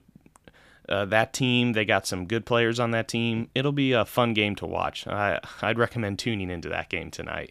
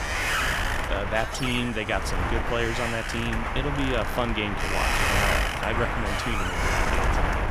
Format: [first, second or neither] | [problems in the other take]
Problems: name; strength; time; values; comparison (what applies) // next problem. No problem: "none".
first | wind noise on the microphone; heavy; 4 dB above the speech